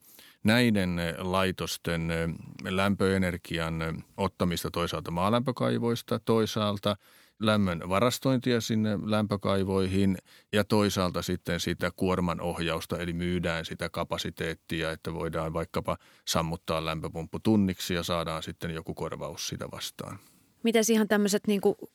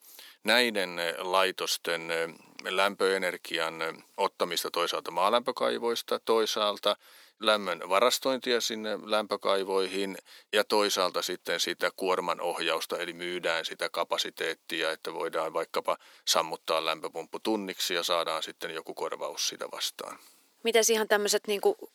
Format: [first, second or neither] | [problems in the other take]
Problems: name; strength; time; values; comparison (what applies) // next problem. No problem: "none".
first | thin; very; fading below 400 Hz